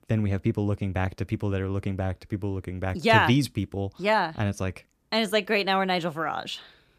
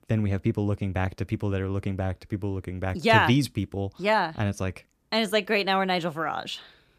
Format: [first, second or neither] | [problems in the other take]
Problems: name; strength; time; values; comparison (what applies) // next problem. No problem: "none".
neither | none